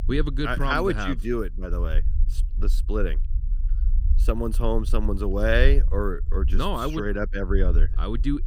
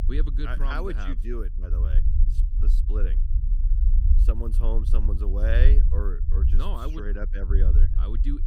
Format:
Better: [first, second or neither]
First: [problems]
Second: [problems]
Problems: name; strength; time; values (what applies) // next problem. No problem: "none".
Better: first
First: low rumble; faint; throughout; 20 dB below the speech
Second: low rumble; loud; throughout; 9 dB below the speech